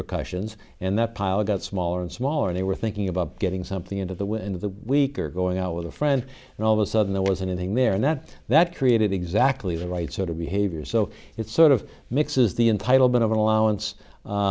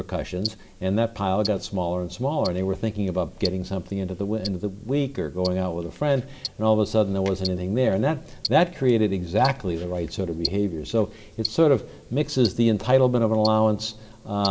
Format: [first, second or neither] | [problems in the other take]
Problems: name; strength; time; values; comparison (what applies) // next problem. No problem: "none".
first | background sound (Tick-tock); 16 dB below the speech // room echo; dies away in 0.8 s